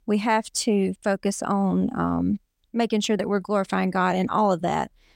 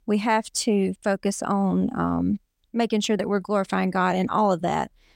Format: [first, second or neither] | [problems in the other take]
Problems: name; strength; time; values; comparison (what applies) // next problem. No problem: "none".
neither | none